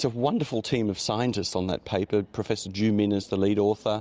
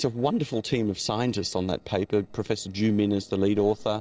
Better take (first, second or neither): first